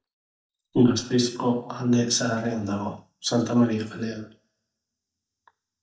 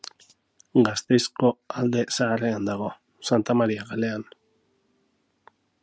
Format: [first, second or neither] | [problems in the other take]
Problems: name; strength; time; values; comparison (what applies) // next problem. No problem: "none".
second | noise reduction (neural mask model DeepFilterNet 3)